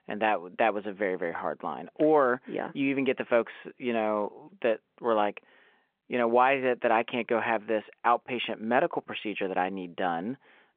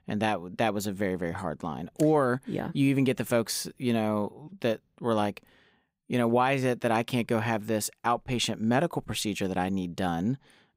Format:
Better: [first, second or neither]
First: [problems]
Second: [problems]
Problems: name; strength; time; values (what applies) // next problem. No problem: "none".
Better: second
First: phone-call audio; nothing above 3.5 kHz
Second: none